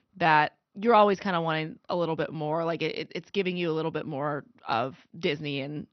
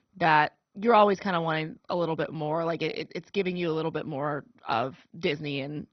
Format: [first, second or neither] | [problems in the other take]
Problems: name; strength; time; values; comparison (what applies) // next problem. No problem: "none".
first | garbled, watery; badly; nothing above 6 kHz; slightly in the first